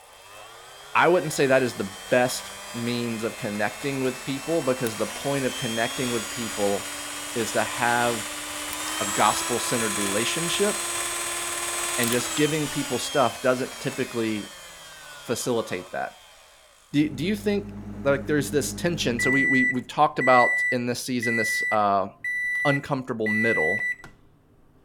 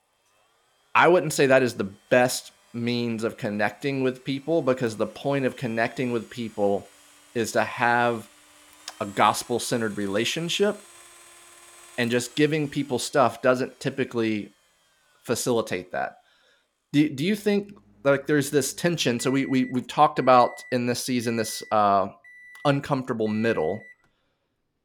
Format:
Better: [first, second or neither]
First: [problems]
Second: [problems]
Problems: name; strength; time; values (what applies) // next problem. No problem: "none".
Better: second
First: household noises; loud; throughout; 2 dB below the speech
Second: household noises; faint; throughout; 25 dB below the speech